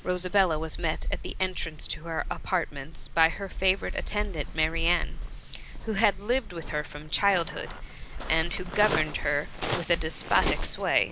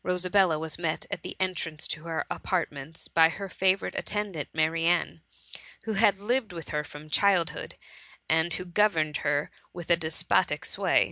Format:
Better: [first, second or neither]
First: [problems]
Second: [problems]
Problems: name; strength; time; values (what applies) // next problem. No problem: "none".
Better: second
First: background sound (Waves, surf); 4 dB below the speech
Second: none